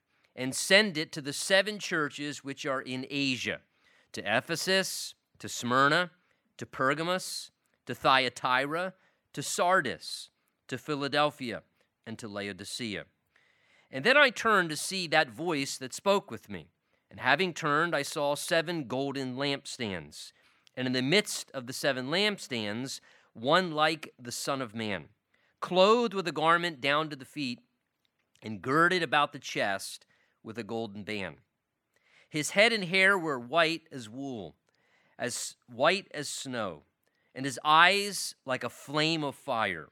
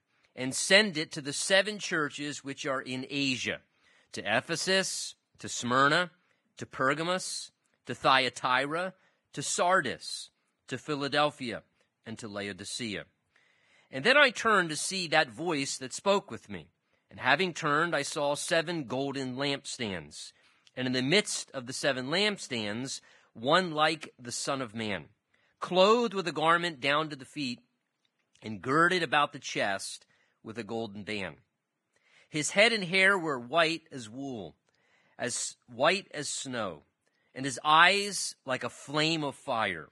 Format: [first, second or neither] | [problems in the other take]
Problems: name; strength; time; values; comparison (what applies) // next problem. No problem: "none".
first | garbled, watery; badly; nothing above 10.5 kHz